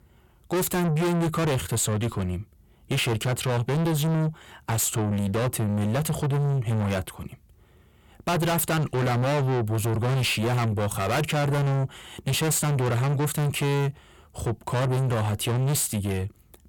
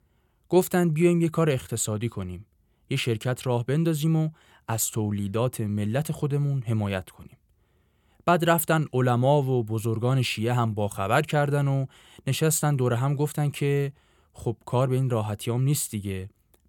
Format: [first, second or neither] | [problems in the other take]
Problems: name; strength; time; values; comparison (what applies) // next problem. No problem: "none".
second | distortion; heavy; 5 dB below the speech